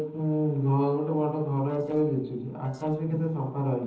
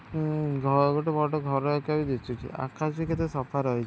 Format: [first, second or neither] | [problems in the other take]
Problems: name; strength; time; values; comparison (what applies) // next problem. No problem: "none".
second | noise reduction (neural separator model SepFormer DNS4)